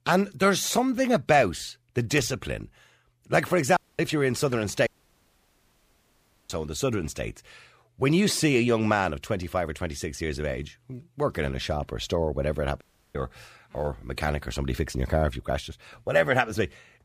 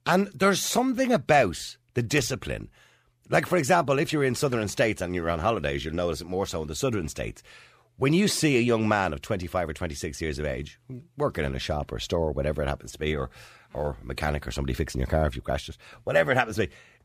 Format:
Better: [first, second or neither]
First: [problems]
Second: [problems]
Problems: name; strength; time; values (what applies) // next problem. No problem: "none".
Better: second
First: audio cutting out; at 4 s, at 5 s for 1.5 s and at 13 s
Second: none